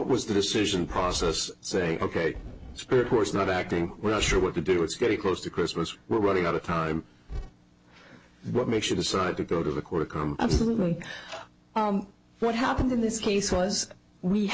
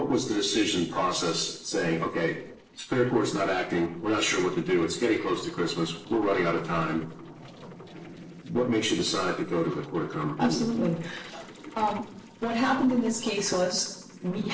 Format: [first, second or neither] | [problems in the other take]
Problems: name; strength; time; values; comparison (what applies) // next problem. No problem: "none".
first | noise reduction (neural separator model SepFormer DNS4)